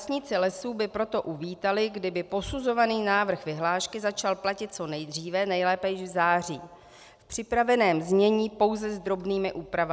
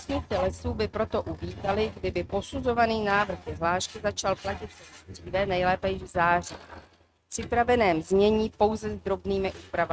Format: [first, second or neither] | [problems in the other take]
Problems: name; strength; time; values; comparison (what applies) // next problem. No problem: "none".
first | noise reduction (neural mask model RNNoise)